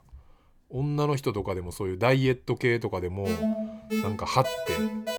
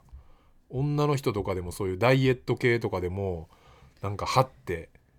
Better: second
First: alarm; noticeable; from 3.5 s on; peak 1 dB below the speech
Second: none

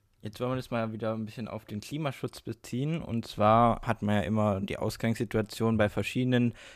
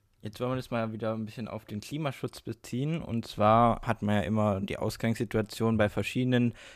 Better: neither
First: none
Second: none

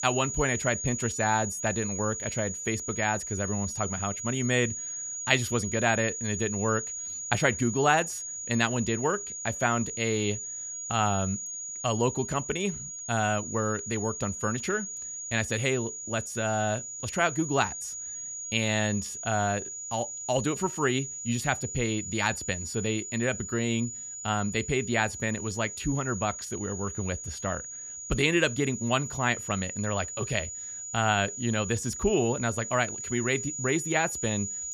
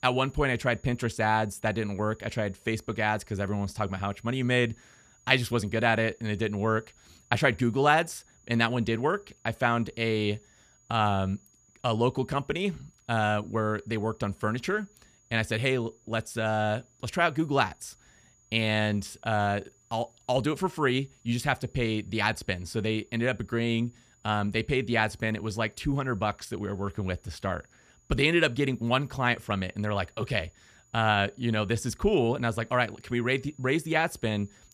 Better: second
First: high-pitched whine; loud; throughout; 7 kHz, 5 dB below the speech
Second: high-pitched whine; faint; throughout; 7 kHz, 35 dB below the speech

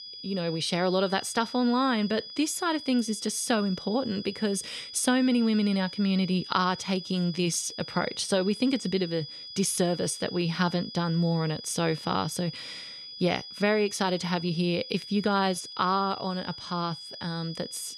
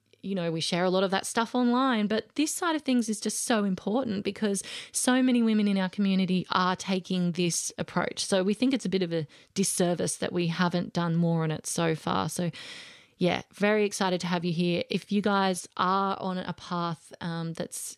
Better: second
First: high-pitched whine; noticeable; throughout; 5 kHz, 10 dB below the speech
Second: none

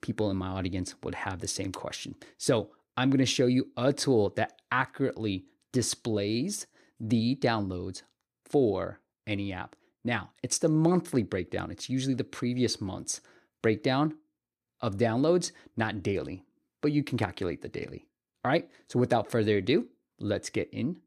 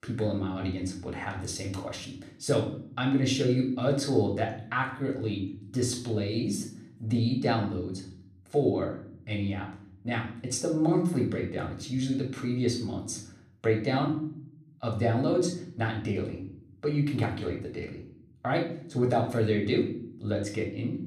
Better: first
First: none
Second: room echo; slight; dies away in 0.6 s // off-mic speech; somewhat distant

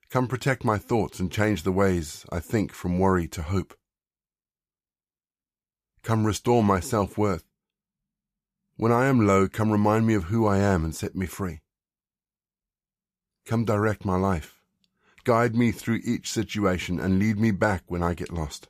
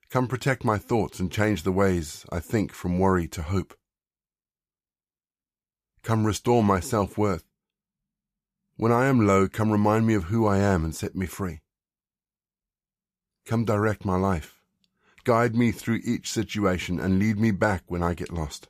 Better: neither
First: none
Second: none

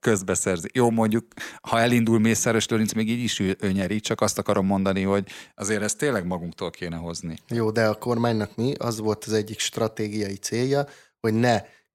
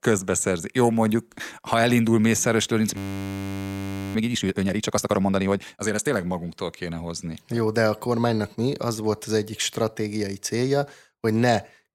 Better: first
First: none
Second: audio freezing; at 3 s for 1 s

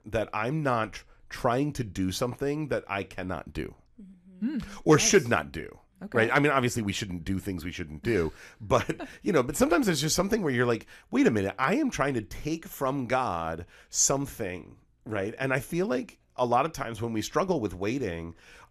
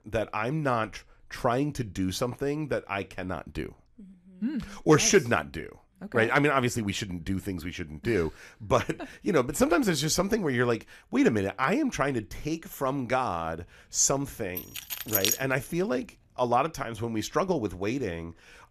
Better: first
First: none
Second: jangling keys; loud; at 15 s; peak 3 dB above the speech

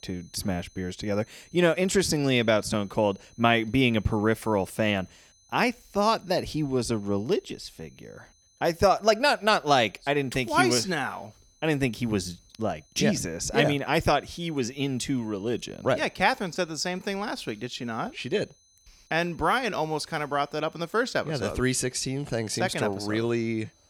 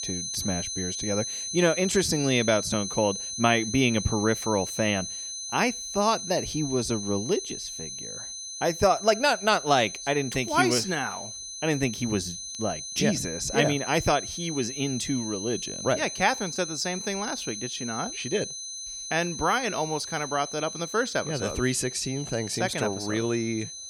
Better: first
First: high-pitched whine; faint; throughout; 6 kHz, 30 dB below the speech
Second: high-pitched whine; loud; throughout; 6 kHz, 6 dB below the speech

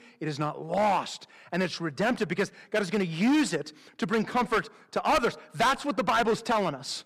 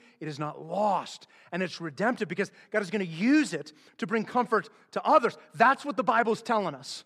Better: second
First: distortion; heavy; 9% of the sound clipped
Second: none

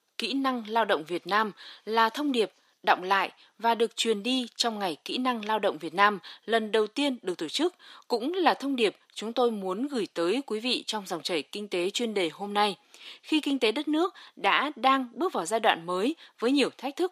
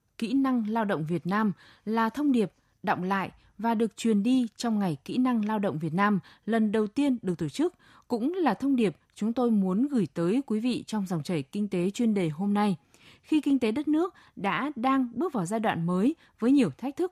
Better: second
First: thin; somewhat; fading below 350 Hz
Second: none

